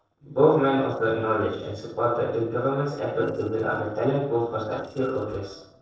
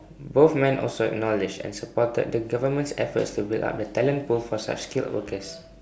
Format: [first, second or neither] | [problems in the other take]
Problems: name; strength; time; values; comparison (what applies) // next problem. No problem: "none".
second | noise reduction (neural separator model SepFormer DNS4)